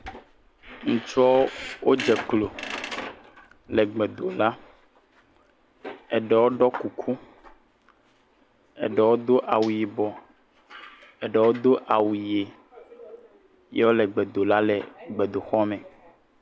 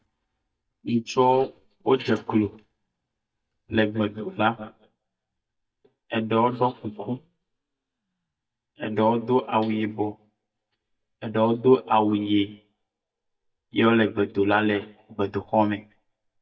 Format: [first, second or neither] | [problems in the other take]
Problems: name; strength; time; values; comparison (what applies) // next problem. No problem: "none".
first | noise reduction (neural mask model DeepFilterNet 3)